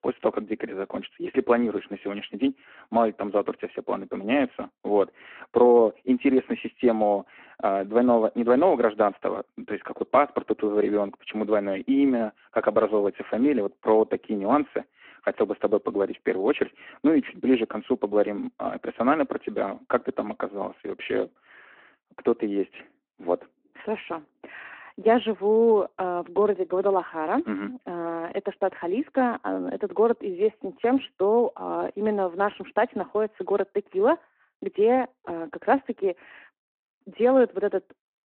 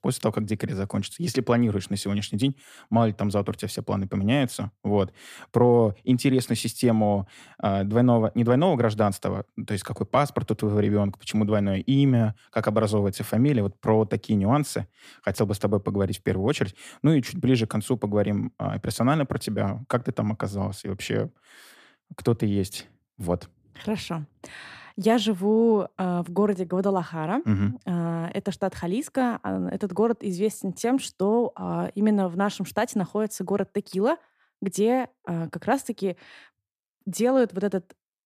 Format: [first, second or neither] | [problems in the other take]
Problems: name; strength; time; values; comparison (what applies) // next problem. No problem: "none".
second | phone-call audio